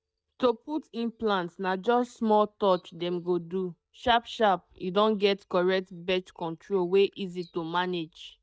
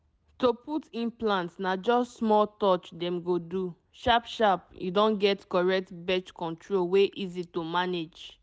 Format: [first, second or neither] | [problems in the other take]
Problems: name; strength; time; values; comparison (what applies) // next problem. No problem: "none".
second | noise reduction (neural mask model DeepFilterNet 3)